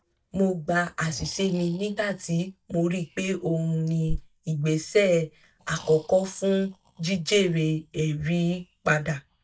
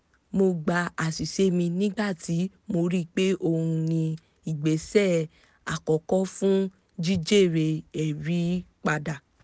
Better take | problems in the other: second | noise reduction (neural mask model DeepFilterNet 3)

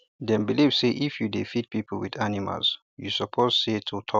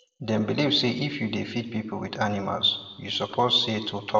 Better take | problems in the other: first | room echo; dies away in 1 s

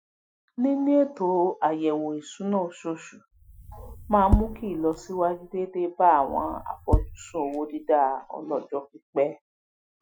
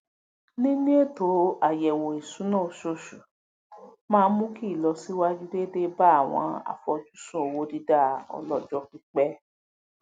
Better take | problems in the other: second | noise reduction (classical method Wiener filter)

